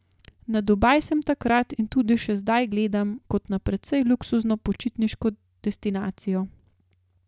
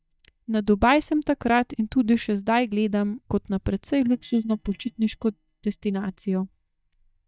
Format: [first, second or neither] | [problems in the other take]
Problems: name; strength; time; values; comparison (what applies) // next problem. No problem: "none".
first | noise reduction (neural mask model DeepFilterNet 3)